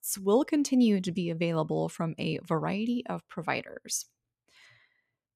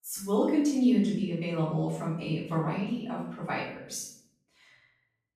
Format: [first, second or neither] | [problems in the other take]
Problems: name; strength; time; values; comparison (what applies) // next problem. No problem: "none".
first | off-mic speech; far // room echo; noticeable; dies away in 0.6 s